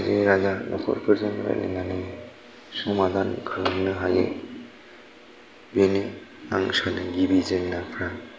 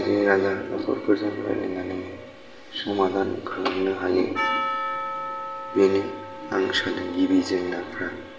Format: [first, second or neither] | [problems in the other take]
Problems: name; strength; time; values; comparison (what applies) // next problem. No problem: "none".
first | background sound (Percussion); 9 dB below the speech // room echo; dies away in 0.8 s